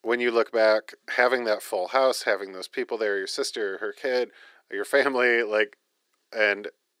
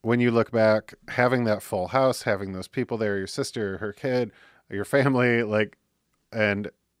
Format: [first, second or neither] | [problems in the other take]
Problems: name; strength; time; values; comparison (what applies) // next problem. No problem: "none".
second | thin; somewhat; fading below 350 Hz